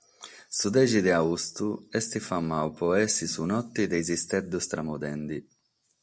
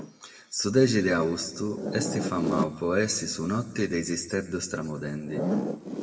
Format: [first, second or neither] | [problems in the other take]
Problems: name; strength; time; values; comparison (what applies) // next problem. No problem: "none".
first | background sound (Zipper (clothing)); 6 dB below the speech // room echo; dies away in 1.6 s